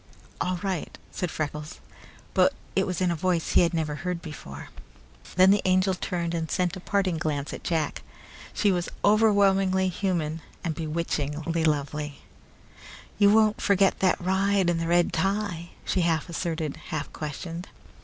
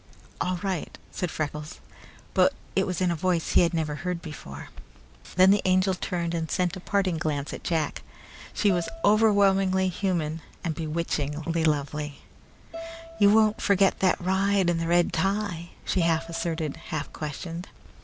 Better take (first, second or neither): first